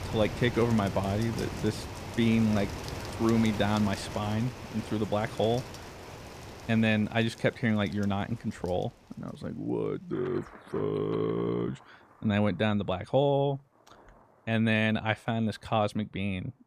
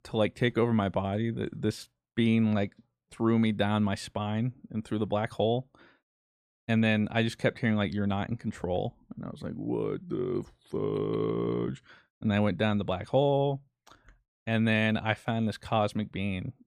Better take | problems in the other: second | rain or running water; noticeable; throughout; 10 dB below the speech

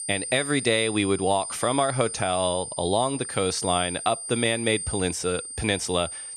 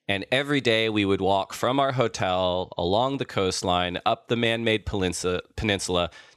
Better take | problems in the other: second | high-pitched whine; loud; throughout; 9 kHz, 7 dB below the speech

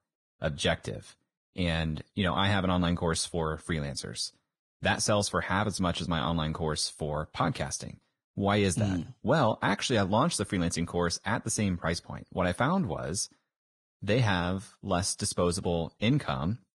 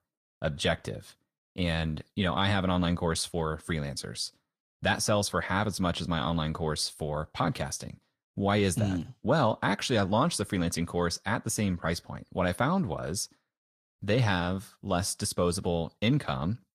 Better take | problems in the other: second | garbled, watery; badly; nothing above 10.5 kHz; slightly in the second

